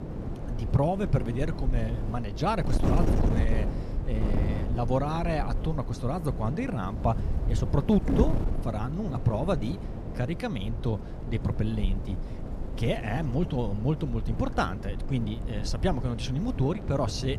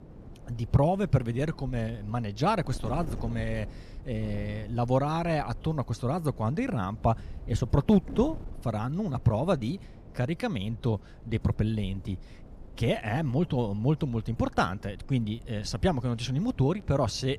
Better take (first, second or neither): second